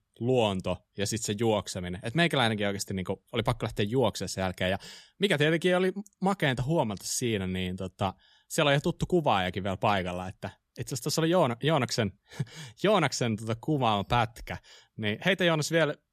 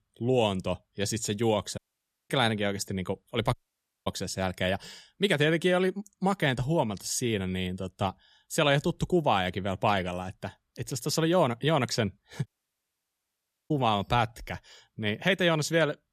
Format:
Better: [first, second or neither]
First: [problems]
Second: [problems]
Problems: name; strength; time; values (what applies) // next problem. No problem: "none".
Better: first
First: none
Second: audio cutting out; at 2 s for 0.5 s, at 3.5 s for 0.5 s and at 12 s for 1 s